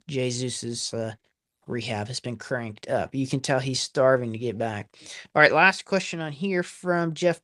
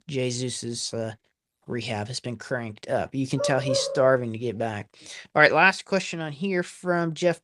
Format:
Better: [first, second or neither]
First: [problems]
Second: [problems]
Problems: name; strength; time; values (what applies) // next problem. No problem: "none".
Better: first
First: none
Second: dog barking; noticeable; at 3.5 s; peak 3 dB below the speech